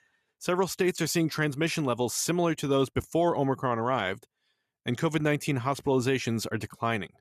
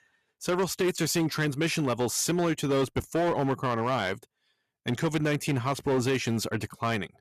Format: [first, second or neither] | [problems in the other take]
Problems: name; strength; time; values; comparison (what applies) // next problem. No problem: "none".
first | distortion; slight; 10% of the sound clipped